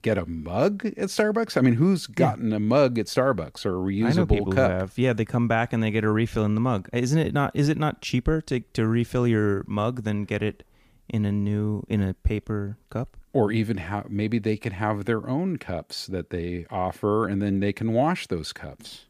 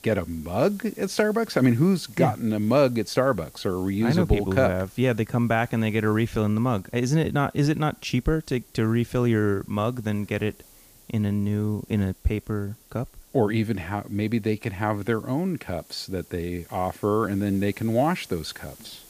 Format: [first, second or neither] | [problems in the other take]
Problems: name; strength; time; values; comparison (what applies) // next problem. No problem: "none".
first | hiss; faint; throughout; 25 dB below the speech